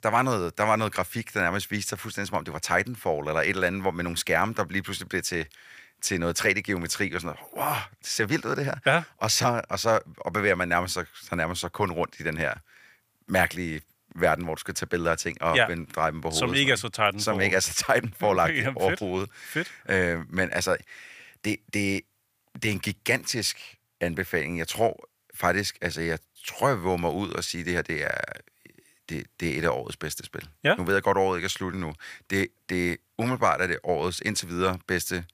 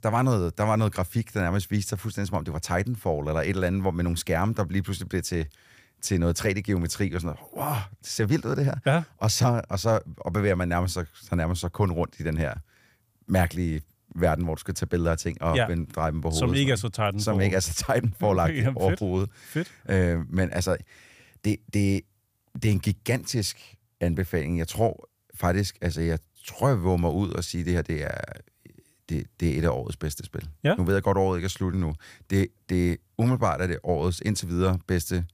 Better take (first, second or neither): second